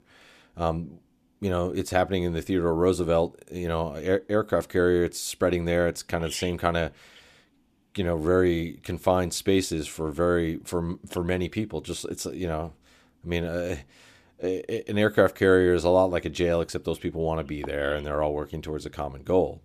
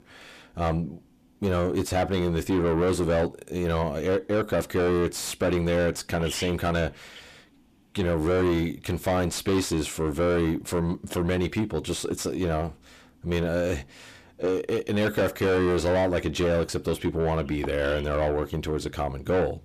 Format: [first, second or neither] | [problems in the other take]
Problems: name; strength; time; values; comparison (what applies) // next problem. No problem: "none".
first | distortion; heavy; 6 dB below the speech